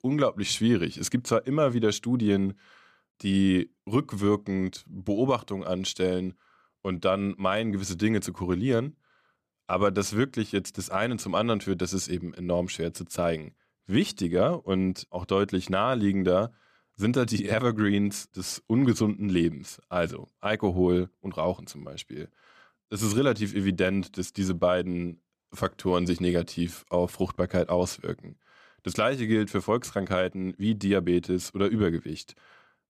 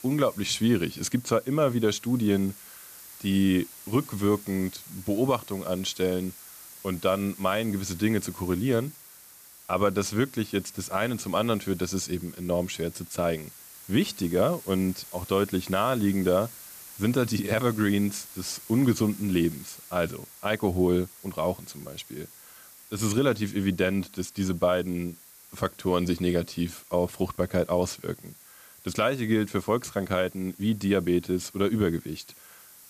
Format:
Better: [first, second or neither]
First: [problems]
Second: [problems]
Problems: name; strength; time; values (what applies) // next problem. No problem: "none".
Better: first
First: none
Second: hiss; noticeable; throughout; 15 dB below the speech